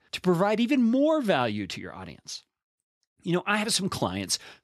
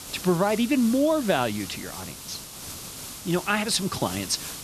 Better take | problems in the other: first | hiss; noticeable; throughout; 10 dB below the speech

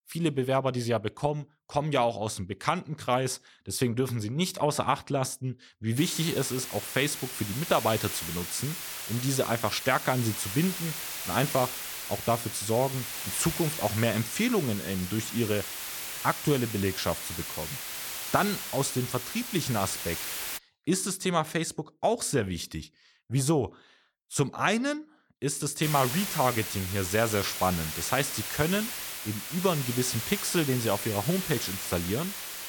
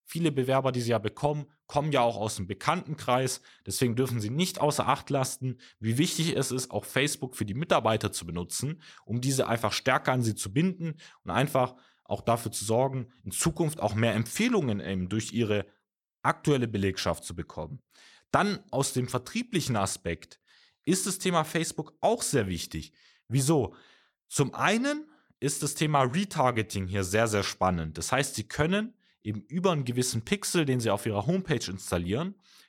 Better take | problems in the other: second | hiss; loud; from 6 to 21 s and from 26 s on; 5 dB below the speech

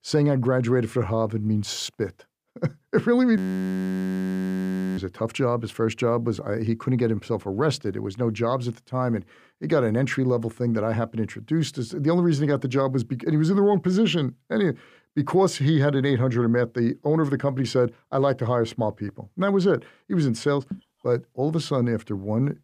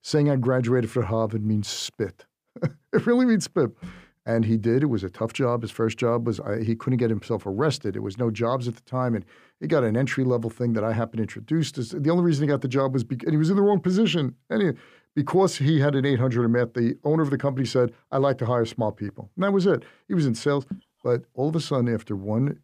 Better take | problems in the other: second | audio freezing; at 3.5 s for 1.5 s

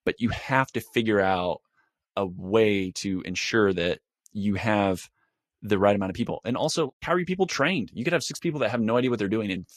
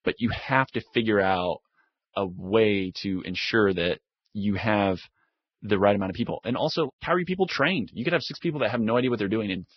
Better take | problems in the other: first | garbled, watery; badly; nothing above 5.5 kHz; slightly in the first

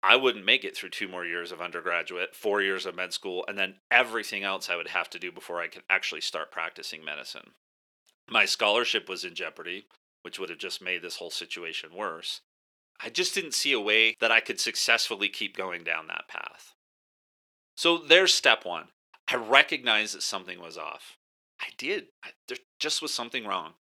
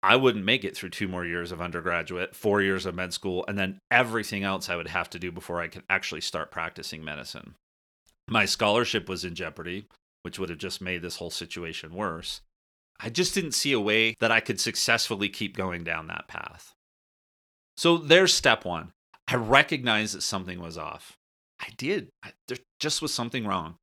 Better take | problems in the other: second | thin; somewhat; fading below 400 Hz

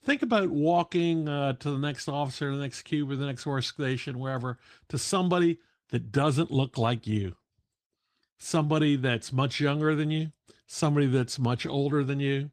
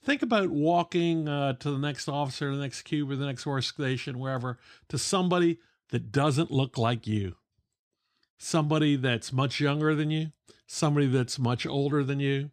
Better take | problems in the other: second | garbled, watery; slightly; nothing above 14.5 kHz

